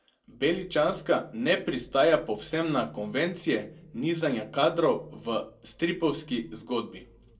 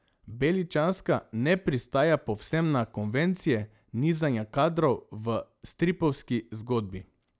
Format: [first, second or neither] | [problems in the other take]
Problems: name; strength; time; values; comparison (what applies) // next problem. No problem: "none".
second | room echo; dies away in 0.2 s